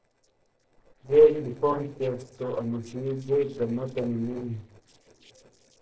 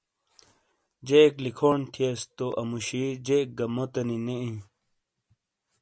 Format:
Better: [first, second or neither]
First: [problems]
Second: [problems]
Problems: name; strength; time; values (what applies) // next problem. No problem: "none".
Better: second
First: noise reduction (neural separator model SepFormer DNS4)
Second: none